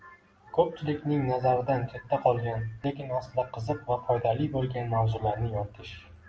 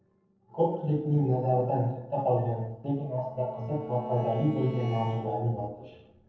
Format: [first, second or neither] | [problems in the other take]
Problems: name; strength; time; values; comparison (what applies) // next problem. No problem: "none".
first | noise reduction (neural separator model SepFormer DNS4)